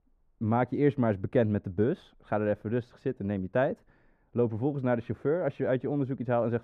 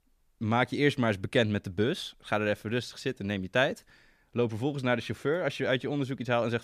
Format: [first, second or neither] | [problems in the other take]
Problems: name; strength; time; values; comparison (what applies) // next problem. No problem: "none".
second | muffled; very; fading above 2 kHz